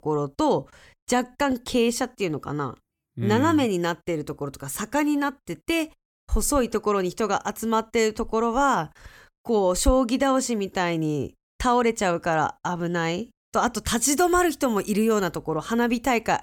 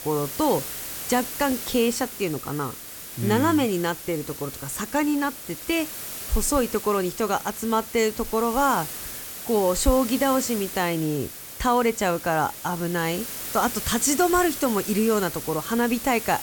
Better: first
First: none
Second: hiss; loud; throughout; 8 dB below the speech

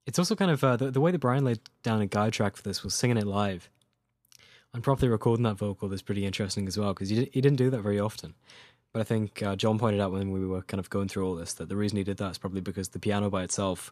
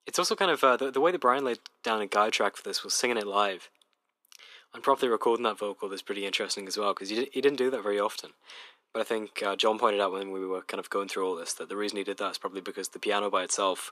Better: first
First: none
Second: thin; very; fading below 300 Hz

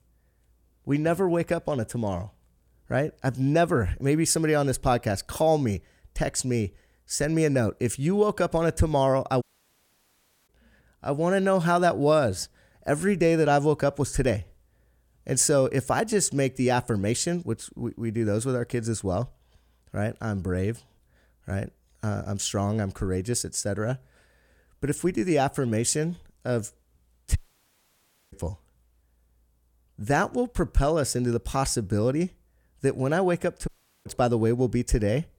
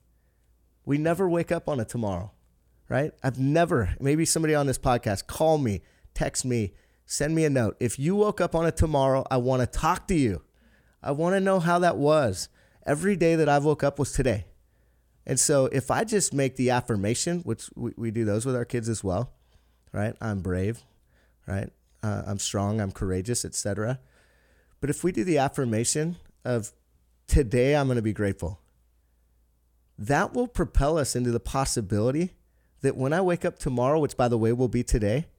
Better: second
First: audio cutting out; at 9.5 s for 1 s, at 27 s for 1 s and at 34 s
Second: none

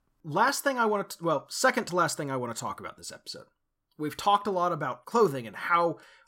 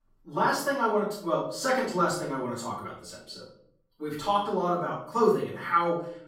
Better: first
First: none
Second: off-mic speech; far // room echo; noticeable; dies away in 0.5 s

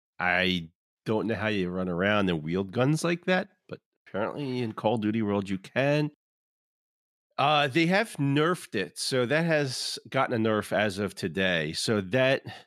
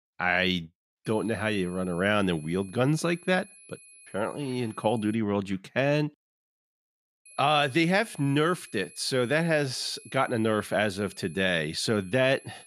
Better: first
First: none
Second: high-pitched whine; faint; from 1 to 5 s and from 7.5 s on; 11 kHz, 20 dB below the speech

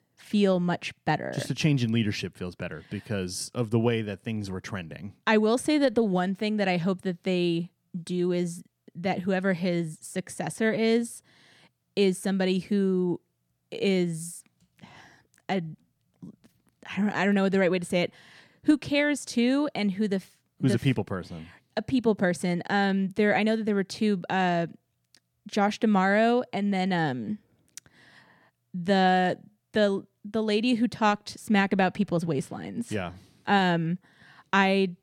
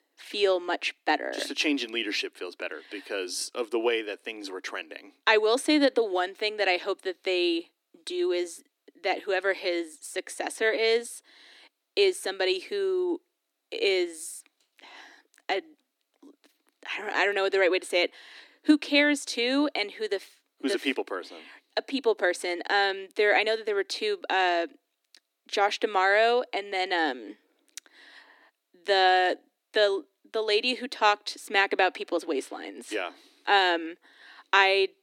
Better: first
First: none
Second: thin; somewhat; fading below 300 Hz

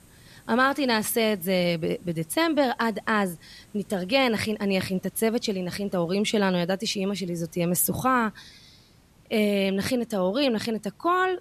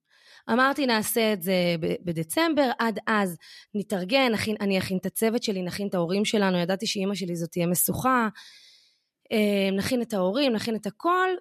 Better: second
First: hiss; faint; throughout; 30 dB below the speech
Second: none

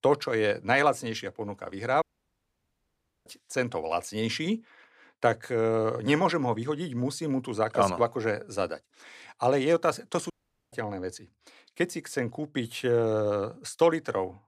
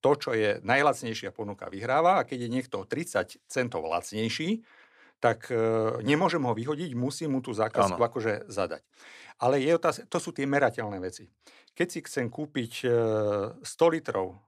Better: second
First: audio cutting out; at 2 s for 1 s and at 10 s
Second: none

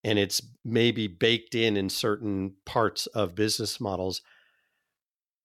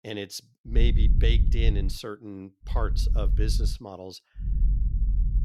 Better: first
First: none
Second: low rumble; loud; from 0.5 to 2 s, from 2.5 to 3.5 s and from 4.5 s on; 9 dB below the speech

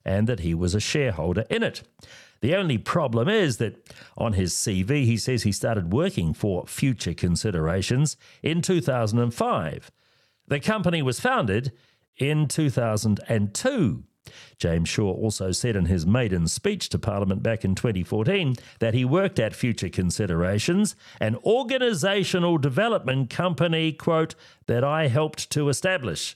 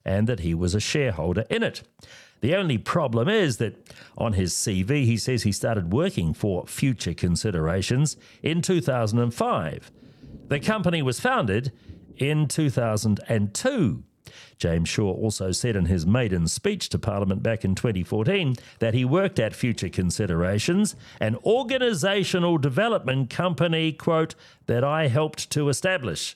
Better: first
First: none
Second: rain or running water; faint; throughout; 30 dB below the speech

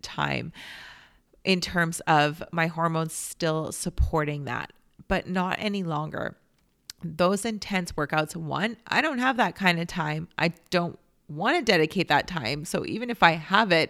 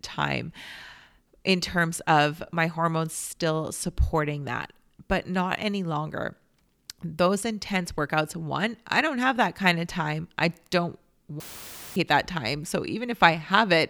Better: first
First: none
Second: audio cutting out; filled with static; at 11 s for 0.5 s

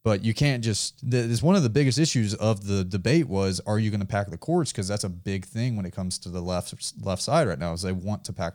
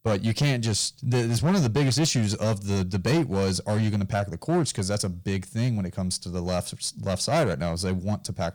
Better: first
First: none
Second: distortion; slight; 9% of the sound clipped

